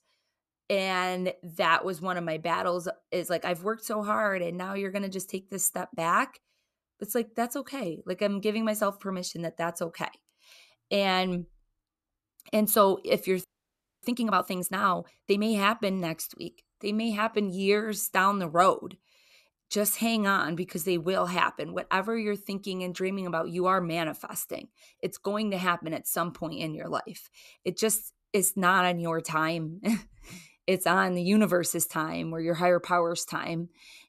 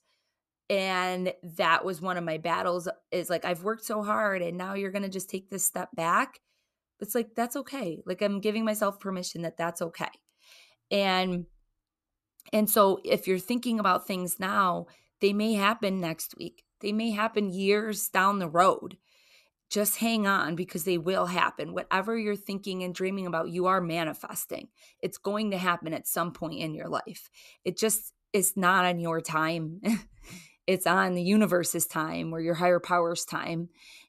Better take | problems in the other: second | audio freezing; at 13 s for 0.5 s

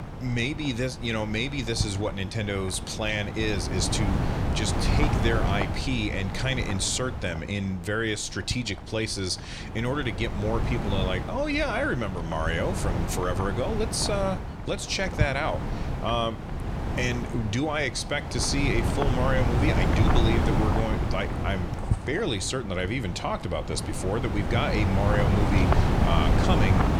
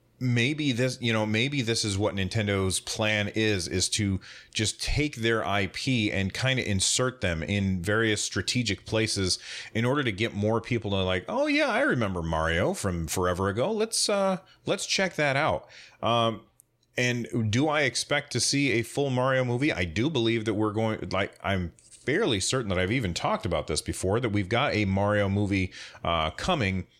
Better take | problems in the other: second | wind noise on the microphone; heavy; 4 dB below the speech

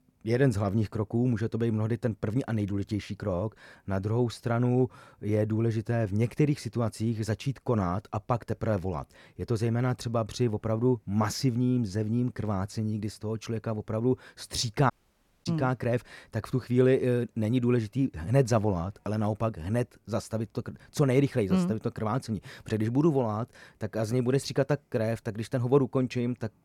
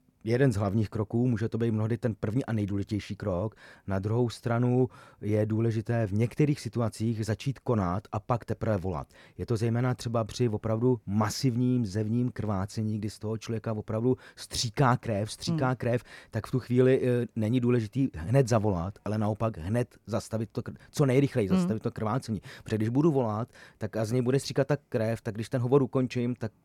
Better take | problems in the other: second | audio cutting out; at 15 s for 0.5 s

